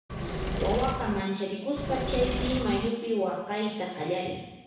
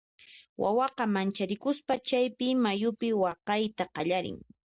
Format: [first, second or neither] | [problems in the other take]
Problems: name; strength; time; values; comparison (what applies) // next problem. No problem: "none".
second | background sound (Engine / Mechanisms); 2 dB below the speech // room echo; dies away in 1 s